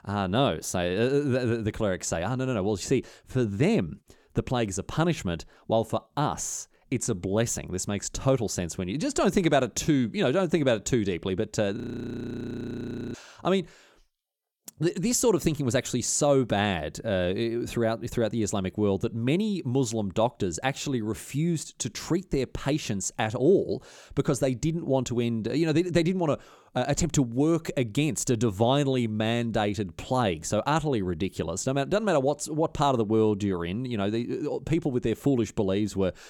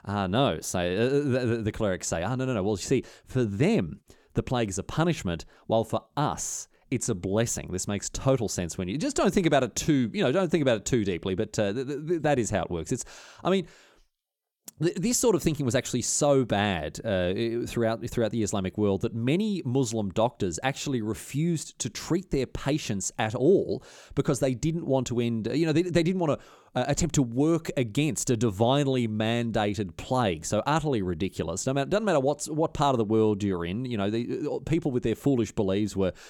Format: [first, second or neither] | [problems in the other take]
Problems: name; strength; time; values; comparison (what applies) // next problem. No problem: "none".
second | audio freezing; at 12 s for 1.5 s